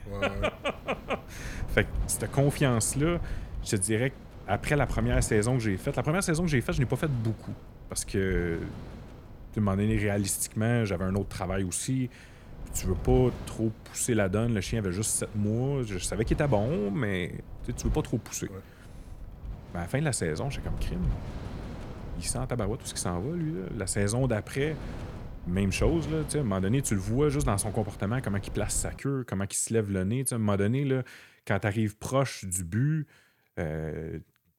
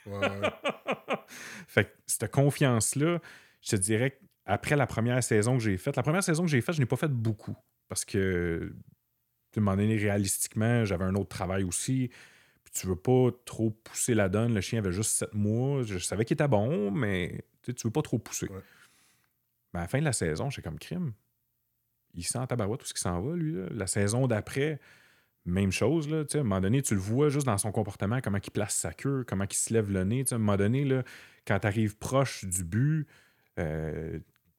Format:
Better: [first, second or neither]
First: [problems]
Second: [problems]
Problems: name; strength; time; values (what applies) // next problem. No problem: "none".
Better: second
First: wind noise on the microphone; occasional gusts; until 29 s; 15 dB below the speech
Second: none